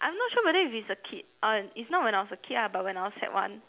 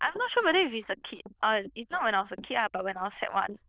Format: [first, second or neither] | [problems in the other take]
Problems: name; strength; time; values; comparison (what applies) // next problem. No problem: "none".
first | noise reduction (neural diffusion model UNIVERSE++)